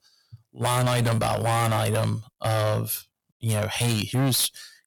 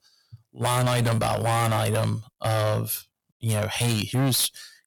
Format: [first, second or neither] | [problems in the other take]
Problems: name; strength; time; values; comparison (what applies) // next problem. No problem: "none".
neither | distortion; heavy; 14% of the sound clipped; the same in both